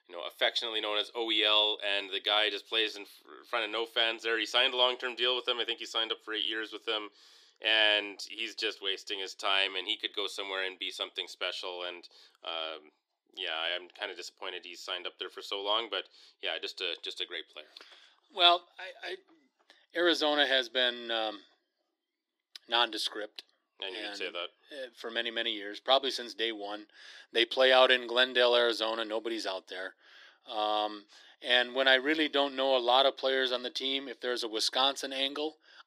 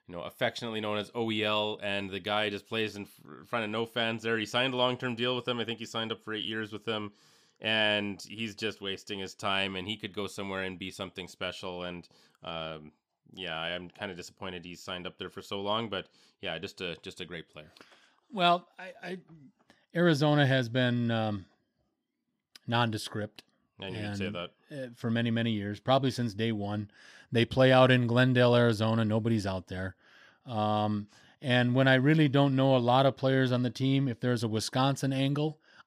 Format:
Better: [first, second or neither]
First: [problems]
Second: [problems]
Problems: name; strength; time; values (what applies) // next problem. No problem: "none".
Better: second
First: thin; very; fading below 350 Hz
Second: none